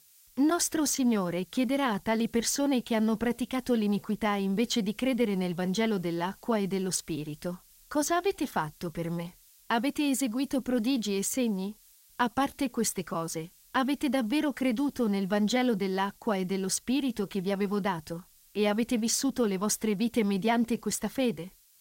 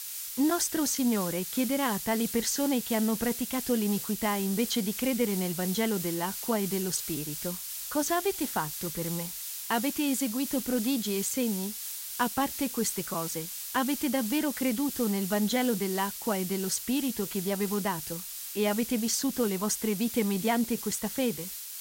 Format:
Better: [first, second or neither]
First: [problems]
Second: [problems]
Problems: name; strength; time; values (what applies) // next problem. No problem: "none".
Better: first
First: hiss; faint; throughout; 25 dB below the speech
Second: hiss; loud; throughout; 5 dB below the speech